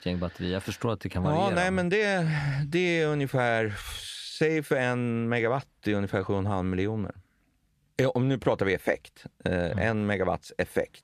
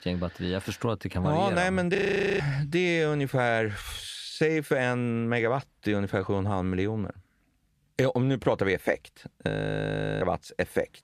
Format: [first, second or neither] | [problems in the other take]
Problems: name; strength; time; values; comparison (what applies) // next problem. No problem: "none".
first | audio freezing; at 2 s and at 9.5 s for 0.5 s